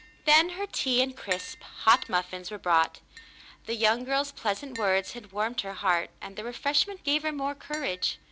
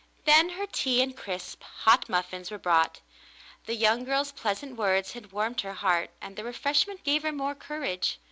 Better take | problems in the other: second | background sound (Tap); 19 dB below the speech

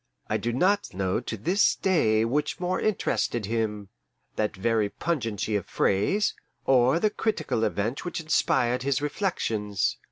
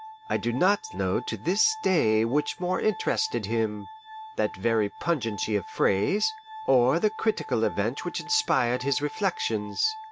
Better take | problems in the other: first | background sound (Glass); 16 dB below the speech

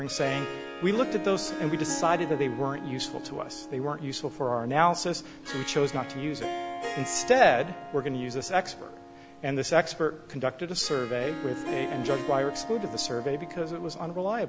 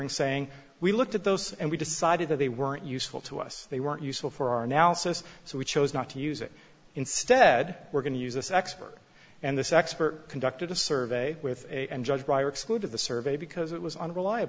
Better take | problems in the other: second | background sound (Harp); 9 dB below the speech

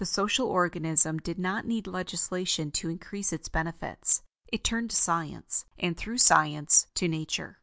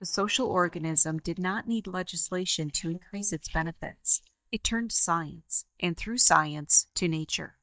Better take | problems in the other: first | noise reduction (neural mask model DeepFilterNet 3)

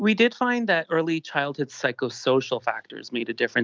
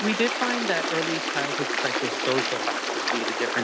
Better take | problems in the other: first | background sound (Stream); 1 dB above the speech

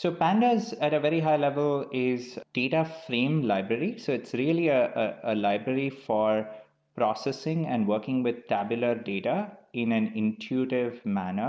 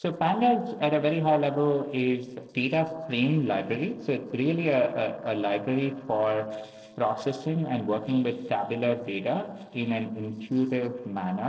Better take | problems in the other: first | noise reduction (neural separator model SepFormer DNS4)

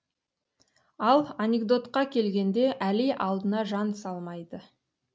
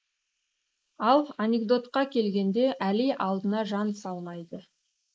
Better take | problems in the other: first | noise reduction (neural mask model Resemble Enhance denoiser)

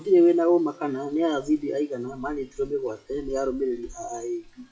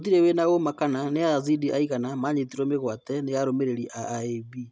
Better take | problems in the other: second | noise reduction (classical method WPE with log-MMSE)

